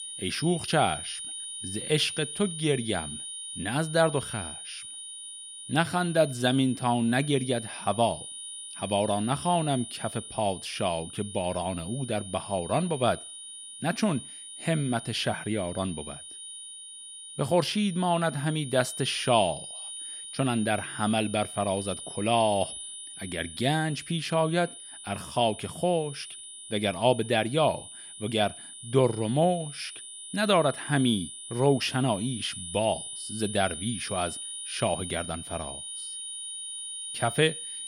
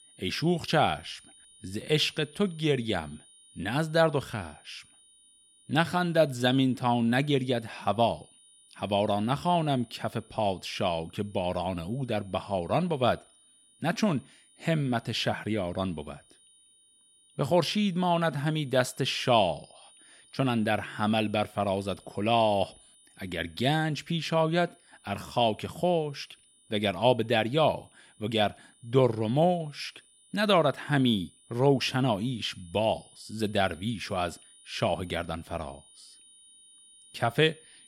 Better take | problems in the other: second | high-pitched whine; loud; throughout; 9.5 kHz, 10 dB below the speech; faint in the second

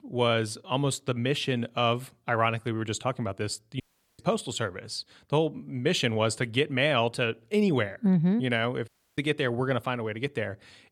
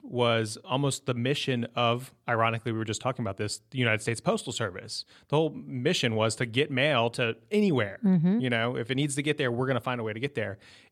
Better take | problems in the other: second | audio cutting out; at 4 s and at 9 s

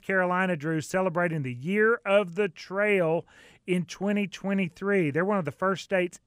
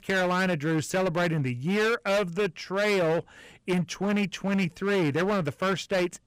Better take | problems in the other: first | distortion; heavy; 21% of the sound clipped

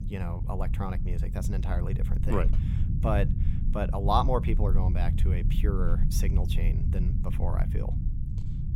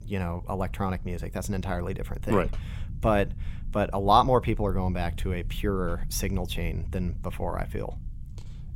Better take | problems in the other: second | low rumble; loud; throughout; 9 dB below the speech; faint in the second

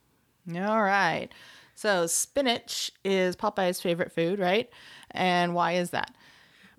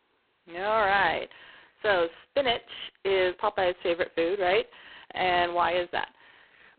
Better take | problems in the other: first | phone-call audio; poor line; nothing above 4 kHz

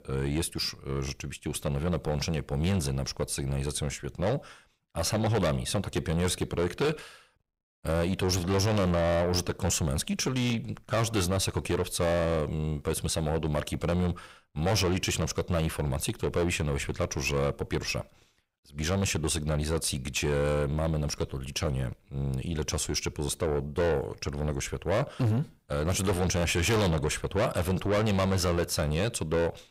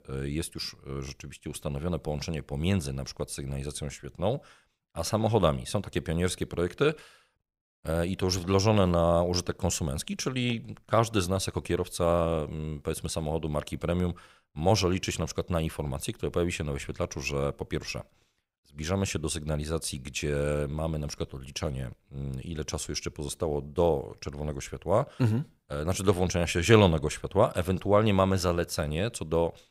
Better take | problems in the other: second | distortion; heavy; 6 dB below the speech

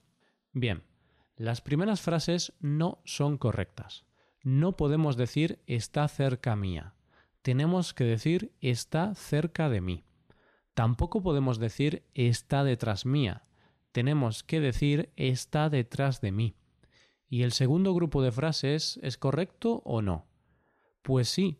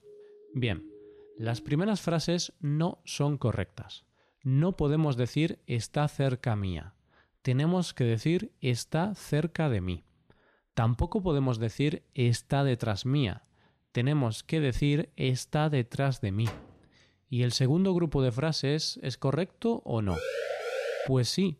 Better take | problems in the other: first | siren; faint; until 1.5 s; peak 20 dB below the speech // door banging; faint; at 16 s; peak 15 dB below the speech // siren; noticeable; at 20 s; peak 3 dB below the speech

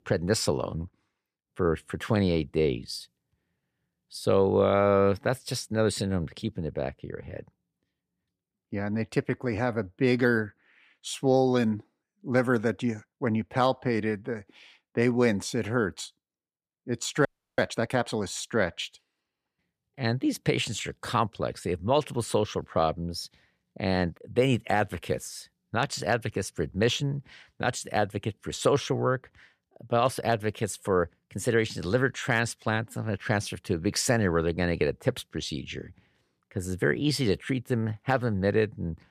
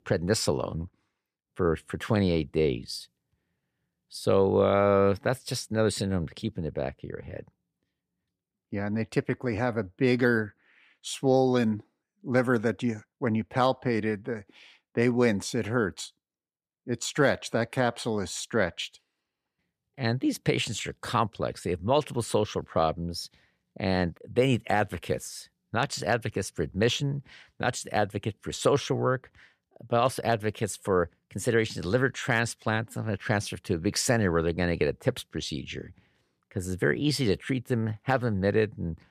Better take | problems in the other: second | audio freezing; at 17 s

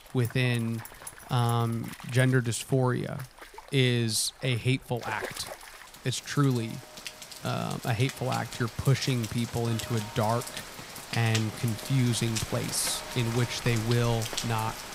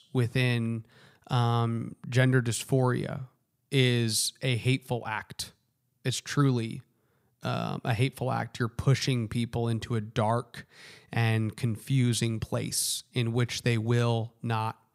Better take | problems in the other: second | rain or running water; loud; throughout; 10 dB below the speech

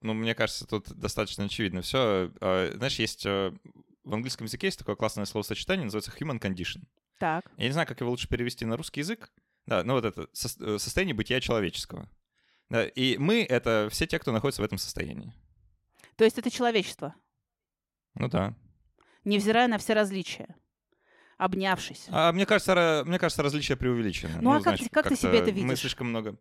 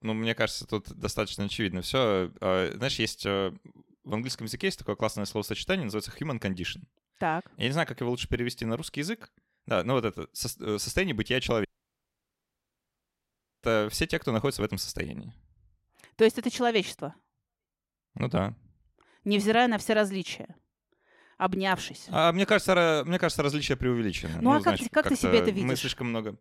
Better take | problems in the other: first | audio cutting out; at 12 s for 2 s

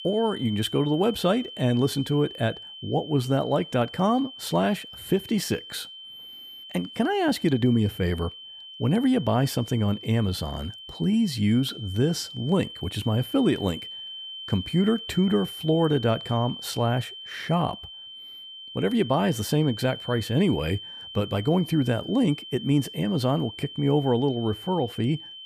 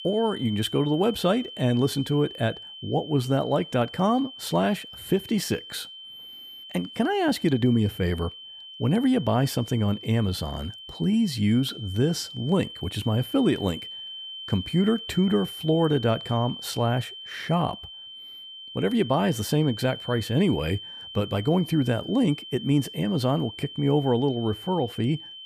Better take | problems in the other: neither | high-pitched whine; noticeable; throughout; 3 kHz, 15 dB below the speech; the same in both

